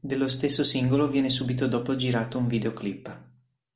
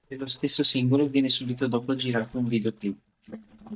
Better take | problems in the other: first | noise reduction (neural mask model DeepFilterNet 3)

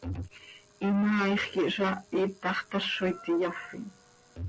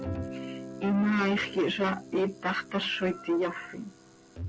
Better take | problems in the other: first | background sound (Guitar); 13 dB below the speech

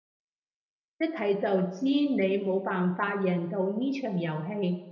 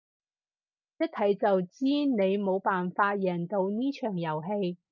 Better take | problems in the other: second | room echo; dies away in 0.7 s

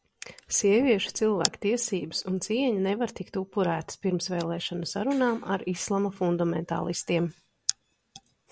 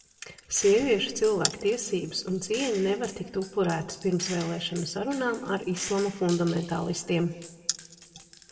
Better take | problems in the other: first | background sound (Gunshot, gunfire); 17 dB below the speech // room echo; dies away in 1.2 s

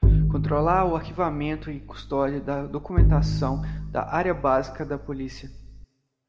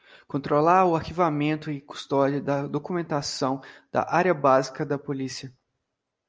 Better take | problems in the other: second | background sound (Bowed string instrument); 2 dB above the speech // room echo; dies away in 1.3 s

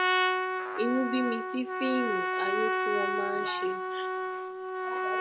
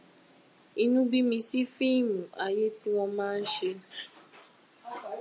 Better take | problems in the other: second | background sound (Trumpet); 3 dB above the speech

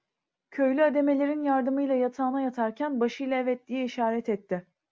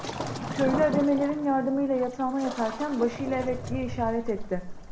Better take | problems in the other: first | background sound (Waves, surf); 7 dB below the speech // room echo; dies away in 0.6 s

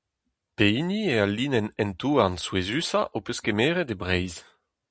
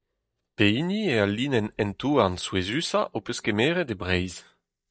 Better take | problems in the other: first | noise reduction (neural mask model DeepFilterNet 3)

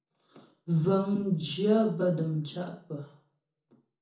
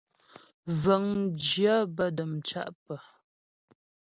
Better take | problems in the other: second | room echo; dies away in 0.7 s

